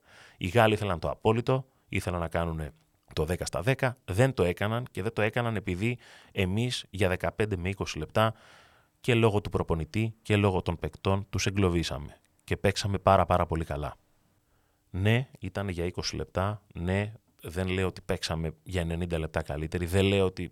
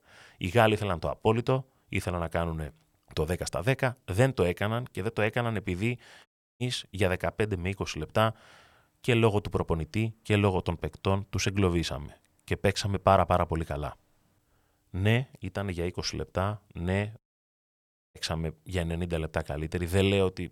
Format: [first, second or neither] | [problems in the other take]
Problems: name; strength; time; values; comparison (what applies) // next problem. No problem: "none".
first | audio cutting out; at 6.5 s and at 17 s for 1 s